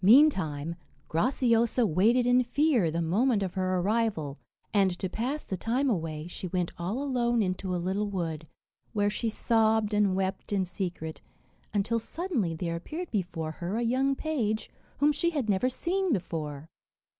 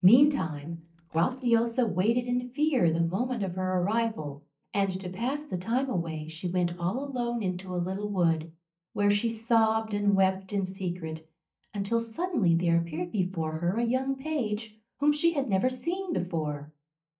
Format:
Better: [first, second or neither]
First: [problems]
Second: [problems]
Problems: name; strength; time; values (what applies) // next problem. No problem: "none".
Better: first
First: none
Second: noise reduction (neural mask model DeepFilterNet 3)